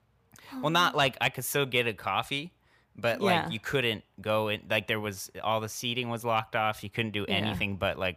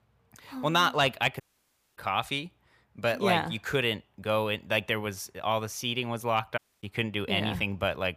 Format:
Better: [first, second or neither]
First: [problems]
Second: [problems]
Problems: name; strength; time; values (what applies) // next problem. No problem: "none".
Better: first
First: none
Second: audio cutting out; at 1.5 s for 0.5 s and at 6.5 s